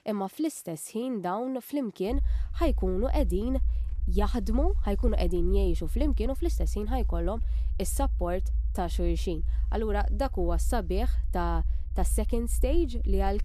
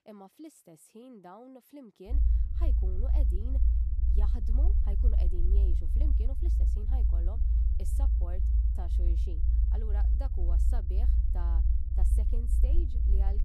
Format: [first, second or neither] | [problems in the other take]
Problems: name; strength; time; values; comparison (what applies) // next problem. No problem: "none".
first | low rumble; loud; from 2 s on; as loud as the speech; faint in the first